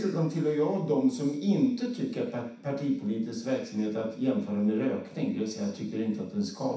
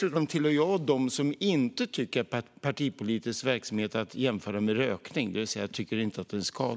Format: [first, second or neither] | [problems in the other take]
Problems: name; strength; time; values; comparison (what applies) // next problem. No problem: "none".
second | room echo; dies away in 0.7 s